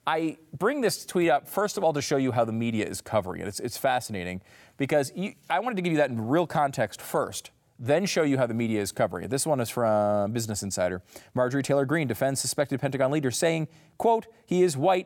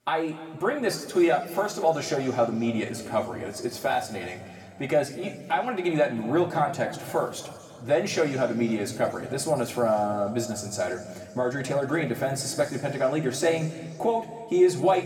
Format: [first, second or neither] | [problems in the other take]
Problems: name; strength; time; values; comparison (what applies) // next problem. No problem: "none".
first | room echo; slight; dies away in 2.2 s // off-mic speech; somewhat distant